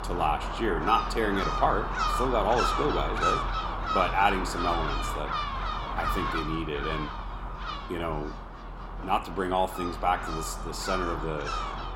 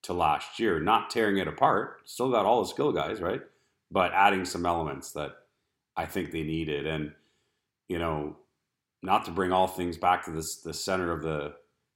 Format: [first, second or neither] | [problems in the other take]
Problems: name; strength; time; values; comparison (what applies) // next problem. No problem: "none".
second | animal sounds; loud; throughout; 2 dB below the speech